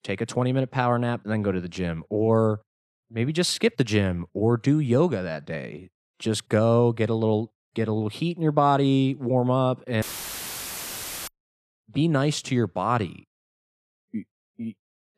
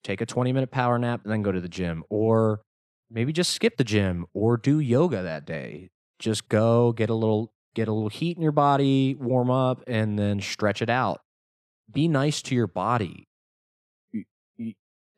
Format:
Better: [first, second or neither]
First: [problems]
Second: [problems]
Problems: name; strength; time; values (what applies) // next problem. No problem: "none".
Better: second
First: audio cutting out; filled with static; at 10 s for 1.5 s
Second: none